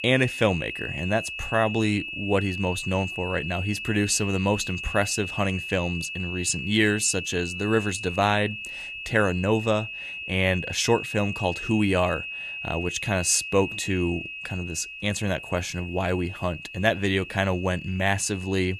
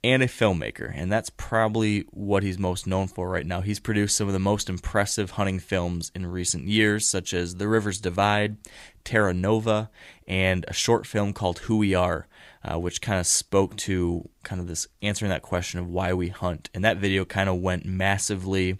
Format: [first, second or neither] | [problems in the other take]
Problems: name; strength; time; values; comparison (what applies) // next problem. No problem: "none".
second | high-pitched whine; loud; throughout; 2.5 kHz, 7 dB below the speech